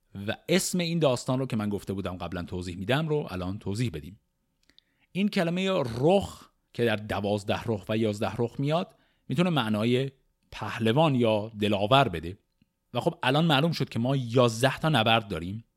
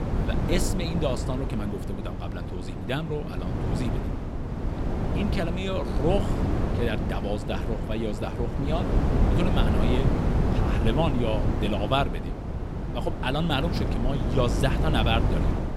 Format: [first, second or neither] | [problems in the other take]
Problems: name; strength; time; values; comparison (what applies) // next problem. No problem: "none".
first | wind noise on the microphone; heavy; 3 dB below the speech